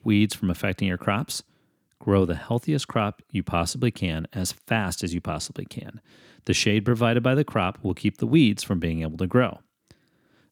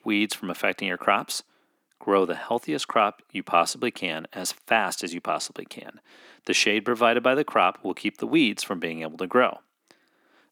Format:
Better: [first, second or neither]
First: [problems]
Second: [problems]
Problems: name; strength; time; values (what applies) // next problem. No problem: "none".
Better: first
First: none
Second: thin; somewhat; fading below 300 Hz